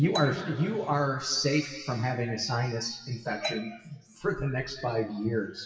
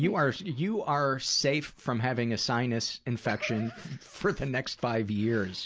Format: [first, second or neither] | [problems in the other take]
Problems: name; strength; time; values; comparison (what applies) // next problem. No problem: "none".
second | noise reduction (classical method WPE with log-MMSE)